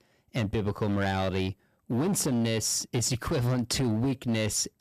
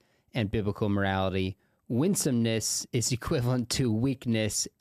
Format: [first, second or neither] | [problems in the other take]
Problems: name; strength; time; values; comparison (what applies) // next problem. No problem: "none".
second | distortion; slight; 15% of the sound clipped